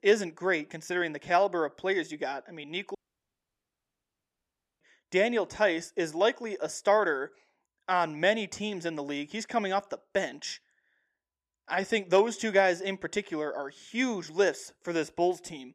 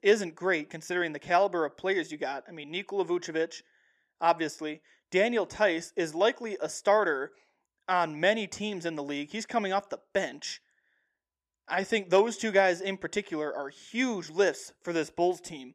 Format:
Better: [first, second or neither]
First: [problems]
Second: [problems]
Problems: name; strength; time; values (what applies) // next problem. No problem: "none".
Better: second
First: audio cutting out; at 3 s for 2 s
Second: none